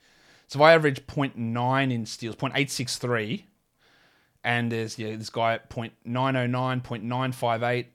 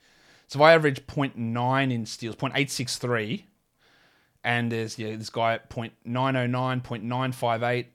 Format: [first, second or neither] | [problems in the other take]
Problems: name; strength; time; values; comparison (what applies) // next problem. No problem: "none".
neither | none